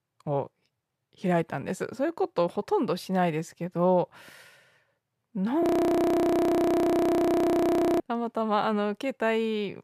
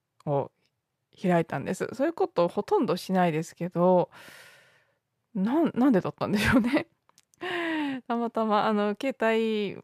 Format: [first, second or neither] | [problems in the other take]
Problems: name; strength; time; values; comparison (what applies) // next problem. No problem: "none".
second | audio freezing; at 5.5 s for 2.5 s